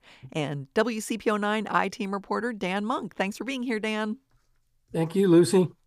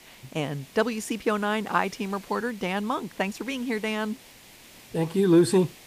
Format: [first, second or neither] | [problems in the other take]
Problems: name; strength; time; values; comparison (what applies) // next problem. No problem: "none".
first | hiss; faint; throughout; 20 dB below the speech